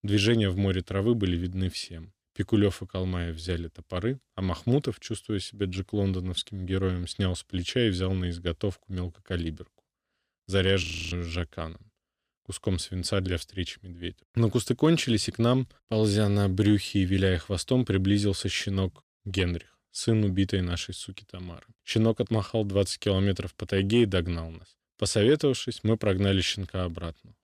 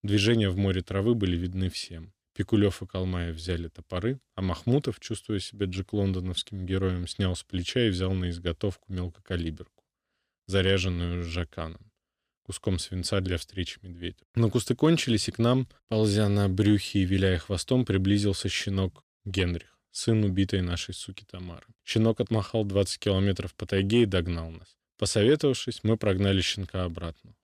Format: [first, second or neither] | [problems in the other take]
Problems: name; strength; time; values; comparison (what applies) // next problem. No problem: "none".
second | audio freezing; at 11 s